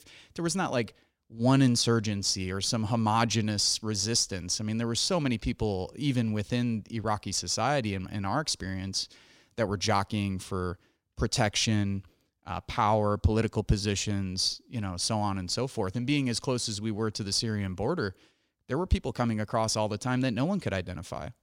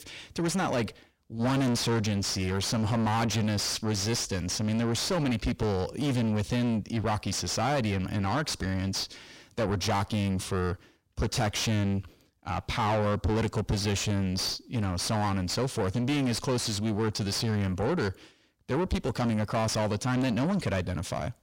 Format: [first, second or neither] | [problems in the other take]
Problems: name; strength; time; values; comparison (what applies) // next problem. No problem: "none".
first | distortion; heavy; 6 dB below the speech